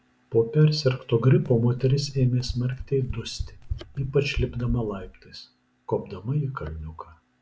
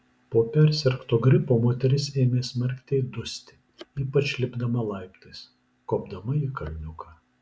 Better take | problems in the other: second | background sound (Run); 10 dB below the speech

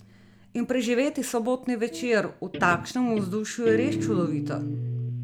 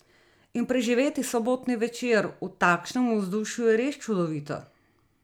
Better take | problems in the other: second | background sound (Guitar); 6 dB below the speech

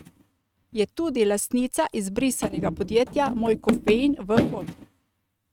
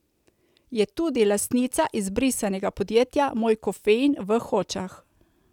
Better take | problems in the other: second | noise reduction (neural mask model RNNoise)

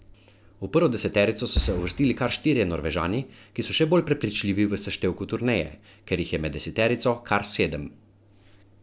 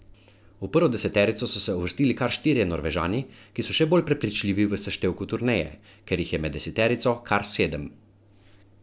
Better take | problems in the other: second | background sound (Boom); 5 dB below the speech

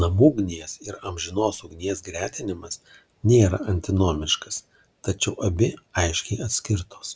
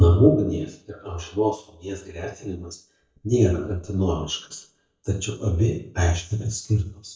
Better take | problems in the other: first | noise reduction (neural mask model DeepFilterNet 3)

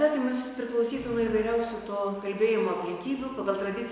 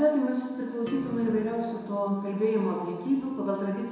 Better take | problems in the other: first | background sound (Acoustic guitar); 18 dB below the speech // room echo; dies away in 0.6 s

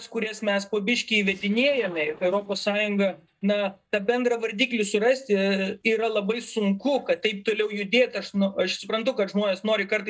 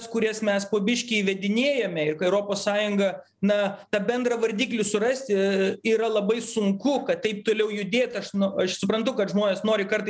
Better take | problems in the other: second | noise reduction (neural mask model DeepFilterNet 3)

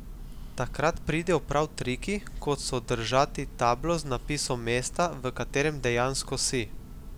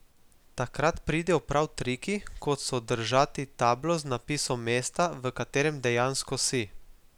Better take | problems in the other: second | background sound (Church bell); 11 dB below the speech

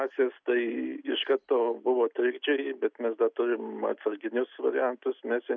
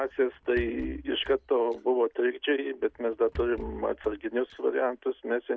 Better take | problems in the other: first | background sound (Rattle / Breathing); 18 dB below the speech

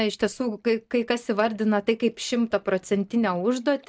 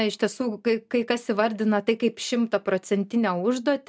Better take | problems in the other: second | noise reduction (neural mask model DeepFilterNet 3)

